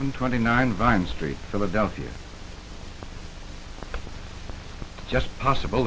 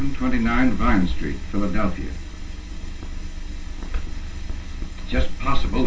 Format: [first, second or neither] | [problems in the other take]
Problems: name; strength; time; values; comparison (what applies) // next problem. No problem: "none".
first | room echo; dies away in 0.2 s